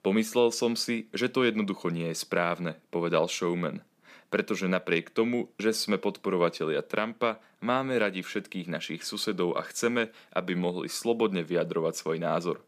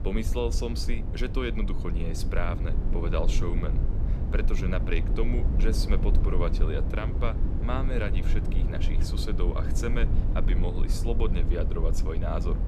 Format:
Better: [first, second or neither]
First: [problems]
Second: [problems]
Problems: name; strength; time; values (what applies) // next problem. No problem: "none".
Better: first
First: none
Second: low rumble; loud; throughout; 7 dB below the speech